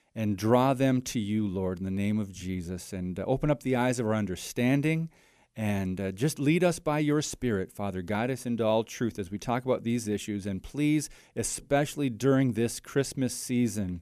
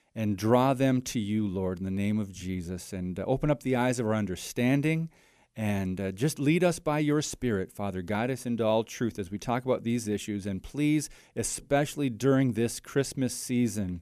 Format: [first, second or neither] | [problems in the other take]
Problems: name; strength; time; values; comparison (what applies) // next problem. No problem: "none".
neither | none